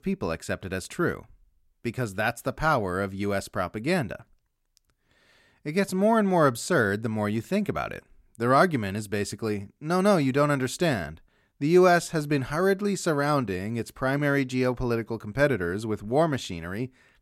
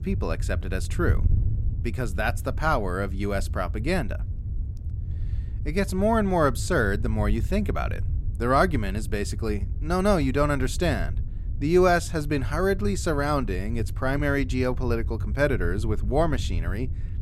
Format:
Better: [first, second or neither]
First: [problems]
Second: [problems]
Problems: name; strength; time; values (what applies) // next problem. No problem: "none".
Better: first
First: none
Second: wind noise on the microphone; occasional gusts; 20 dB below the speech